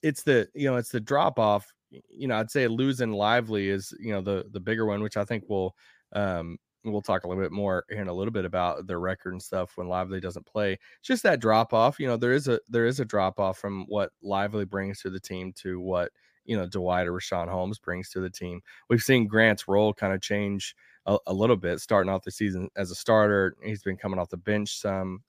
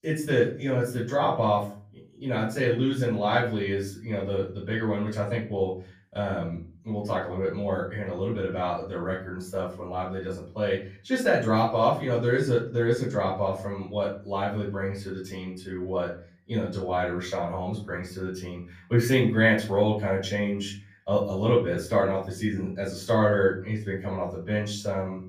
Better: first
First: none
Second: room echo; slight; dies away in 0.4 s // off-mic speech; far

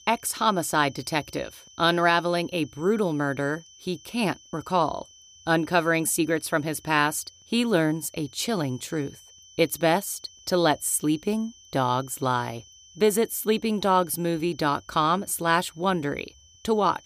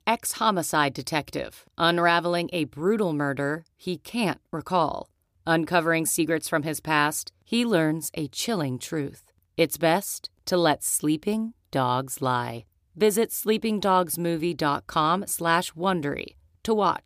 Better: second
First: high-pitched whine; faint; throughout; 3 kHz, 25 dB below the speech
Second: none

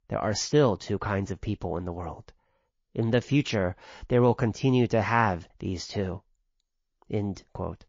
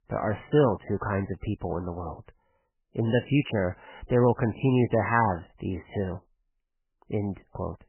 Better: first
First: garbled, watery; slightly; nothing above 6.5 kHz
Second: garbled, watery; badly; nothing above 3 kHz

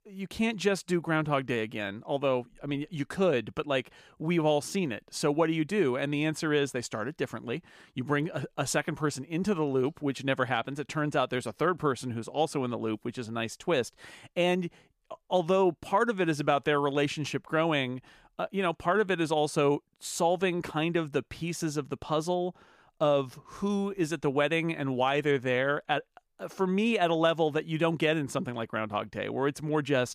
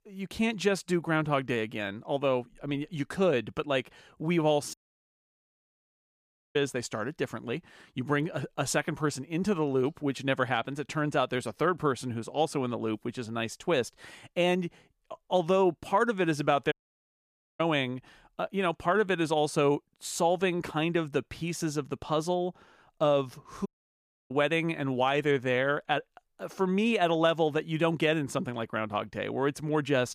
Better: first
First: none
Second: audio cutting out; at 4.5 s for 2 s, at 17 s for 1 s and at 24 s for 0.5 s

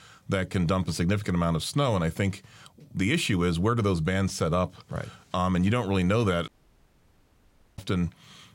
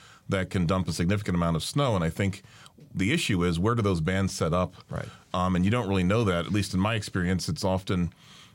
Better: second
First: audio cutting out; at 6.5 s for 1.5 s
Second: none

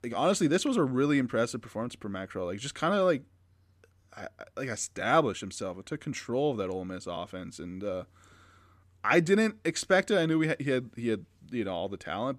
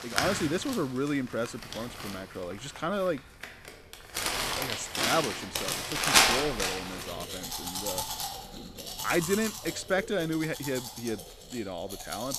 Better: first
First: none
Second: household noises; very loud; throughout; 3 dB above the speech

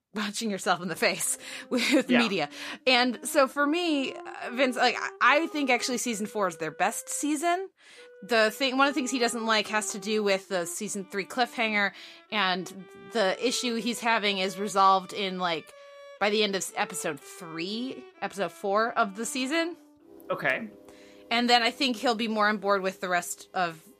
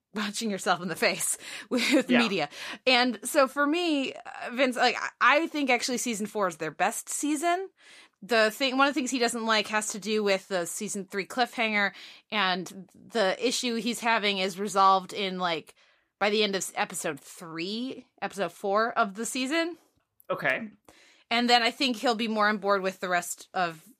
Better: second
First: background music; faint; throughout; 20 dB below the speech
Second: none

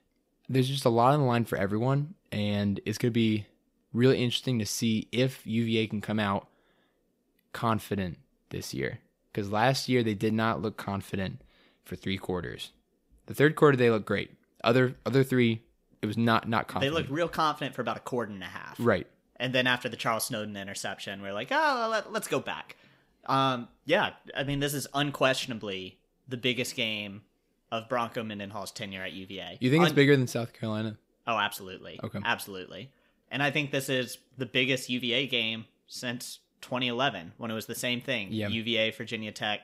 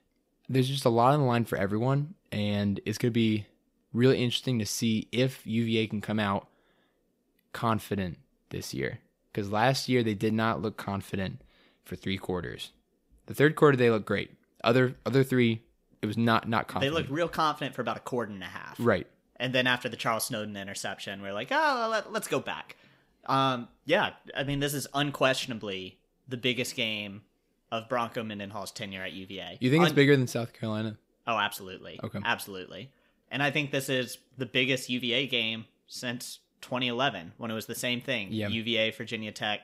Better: neither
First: none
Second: none

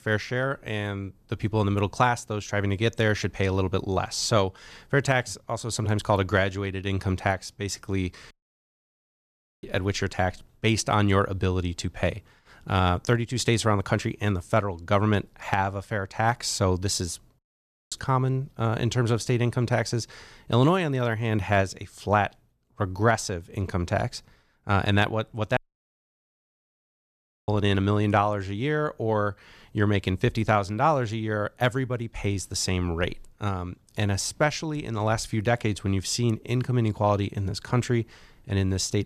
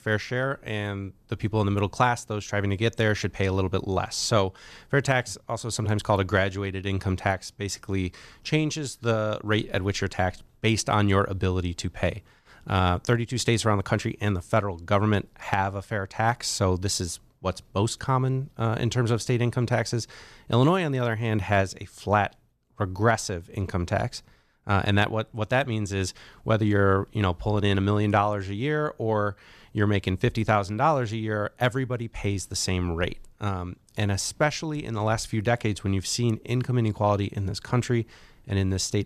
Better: second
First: audio cutting out; at 8.5 s for 1.5 s, at 17 s for 0.5 s and at 26 s for 2 s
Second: none

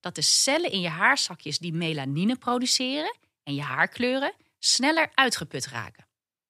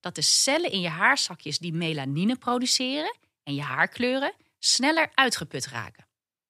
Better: neither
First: none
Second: none

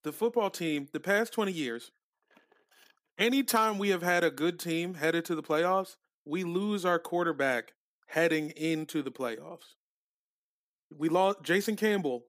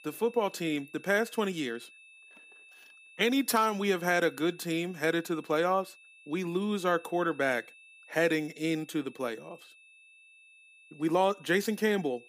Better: first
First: none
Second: high-pitched whine; faint; throughout; 2.5 kHz, 25 dB below the speech

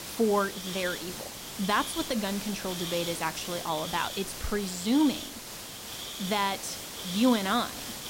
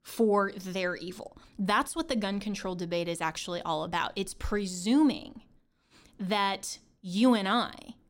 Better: second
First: hiss; loud; throughout; 7 dB below the speech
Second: none

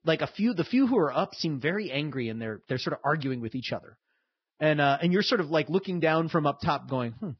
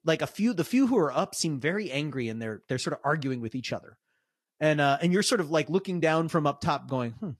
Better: second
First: garbled, watery; badly; nothing above 5.5 kHz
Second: garbled, watery; slightly; nothing above 12.5 kHz

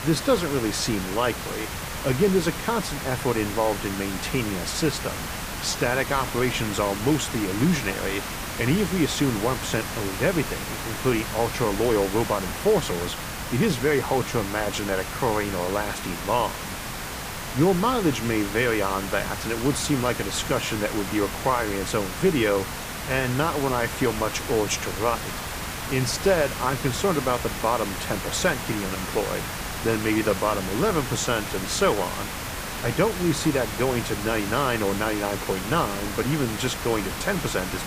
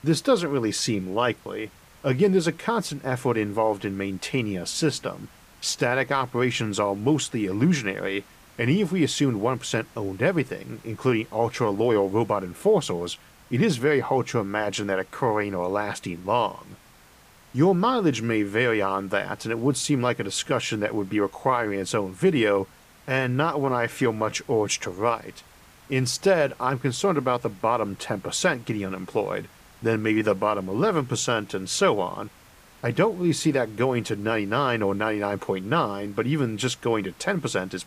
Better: second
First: hiss; loud; throughout; 6 dB below the speech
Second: hiss; faint; throughout; 25 dB below the speech

